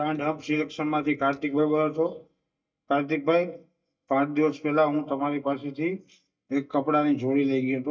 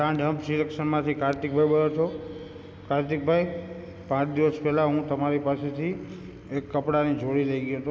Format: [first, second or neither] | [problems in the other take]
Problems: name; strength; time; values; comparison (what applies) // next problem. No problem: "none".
second | noise reduction (neural mask model DeepFilterNet 3)